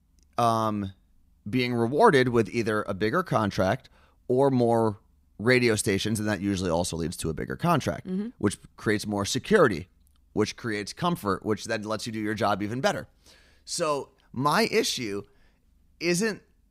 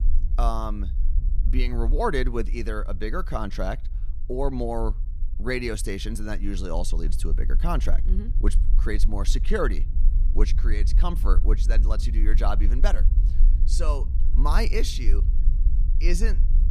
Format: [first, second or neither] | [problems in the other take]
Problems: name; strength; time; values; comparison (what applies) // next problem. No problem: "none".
first | low rumble; noticeable; throughout; 15 dB below the speech